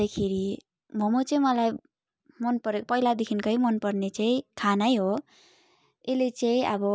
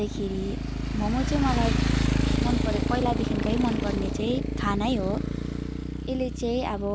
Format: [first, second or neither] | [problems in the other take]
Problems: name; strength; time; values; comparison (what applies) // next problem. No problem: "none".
first | background sound (Motorcycle); 3 dB above the speech